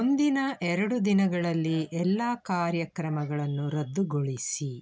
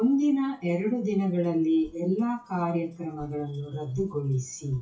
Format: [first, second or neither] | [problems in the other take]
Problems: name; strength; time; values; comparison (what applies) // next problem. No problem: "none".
first | noise reduction (classical method WPE with log-MMSE)